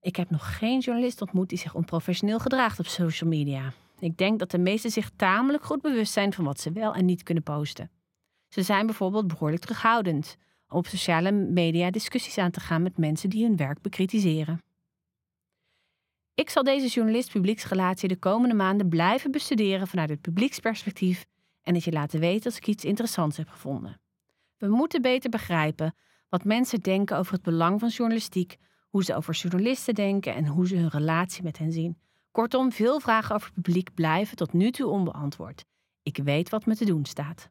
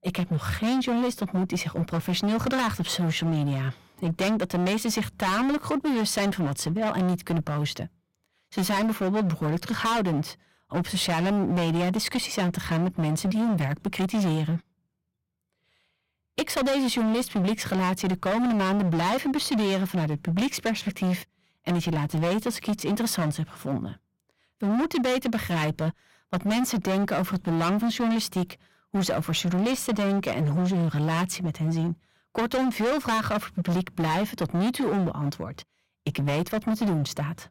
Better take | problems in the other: first | distortion; heavy; 25% of the sound clipped

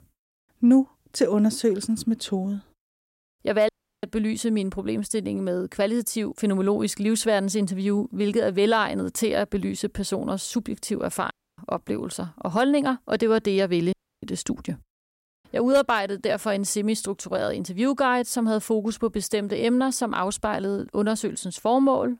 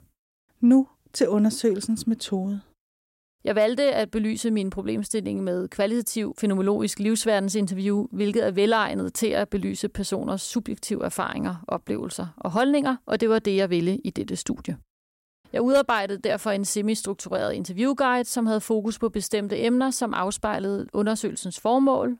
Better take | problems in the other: second | audio cutting out; at 3.5 s, at 11 s and at 14 s

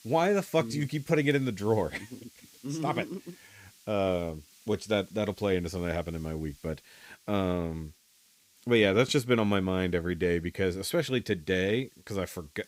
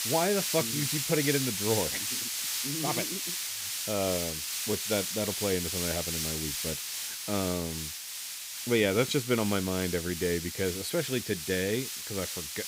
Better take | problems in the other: first | hiss; loud; throughout; 1 dB below the speech; faint in the first

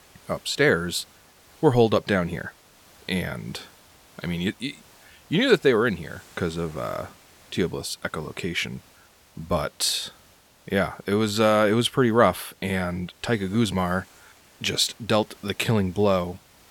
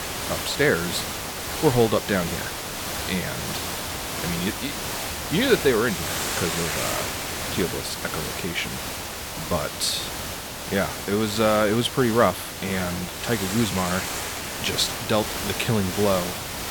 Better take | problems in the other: first | hiss; loud; throughout; 4 dB below the speech; faint in the first

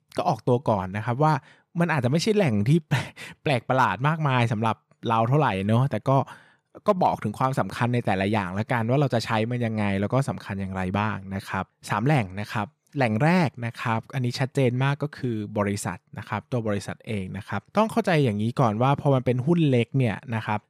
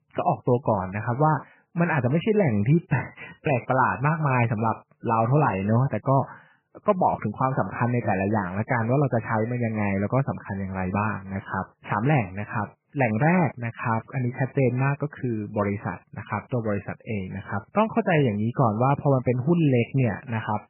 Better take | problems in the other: first | garbled, watery; badly; nothing above 3 kHz

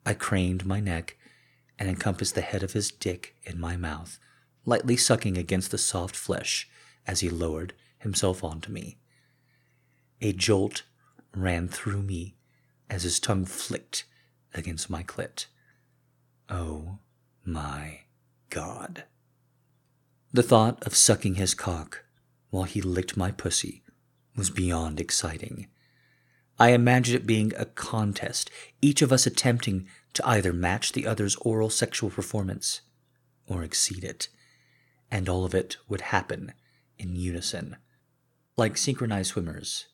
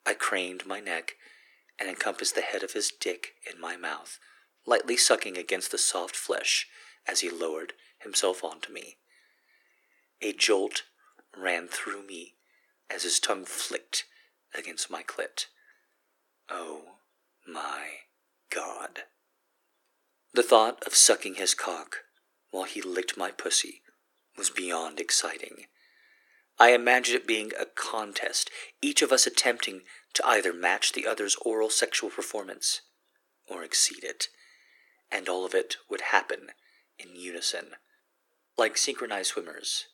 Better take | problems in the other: first | thin; very; fading below 350 Hz

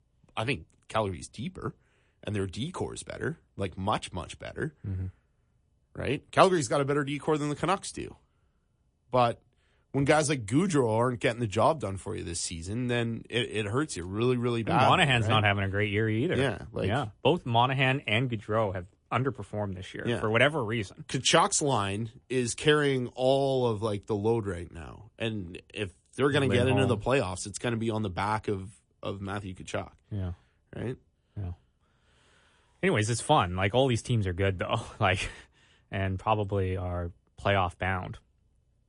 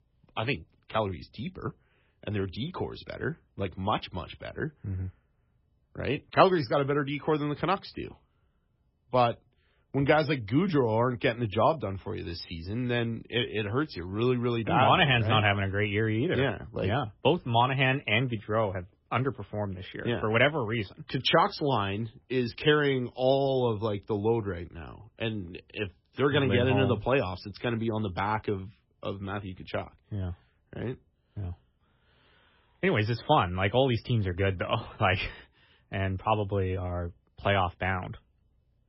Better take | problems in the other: first | garbled, watery; badly; nothing above 5.5 kHz; slightly in the first

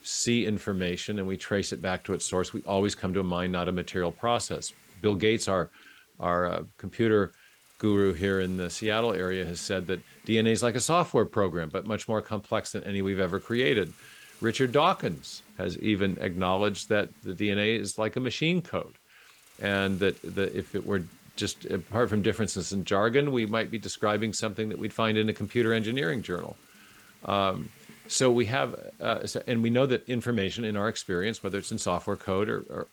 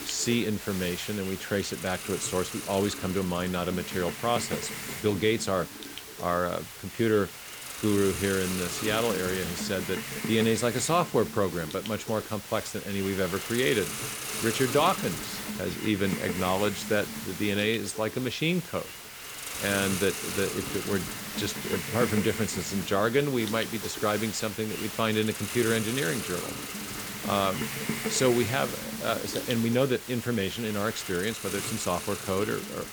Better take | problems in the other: first | hiss; loud; throughout; 6 dB below the speech; faint in the first

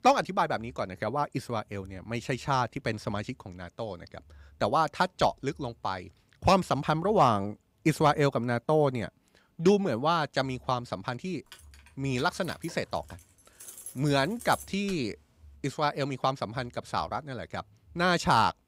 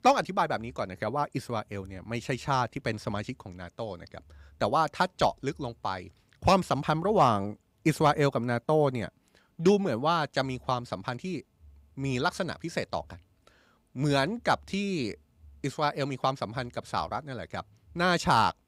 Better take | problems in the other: second | jangling keys; faint; from 12 to 15 s; peak 15 dB below the speech

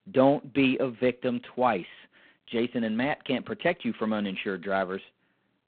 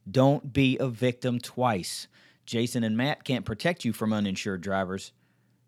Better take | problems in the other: second | phone-call audio; poor line

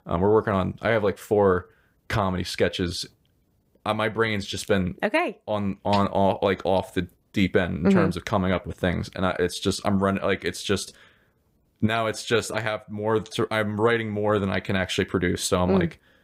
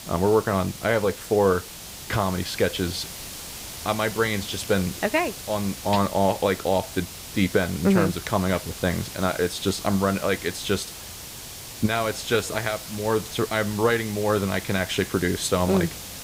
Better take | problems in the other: first | hiss; noticeable; throughout; 10 dB below the speech

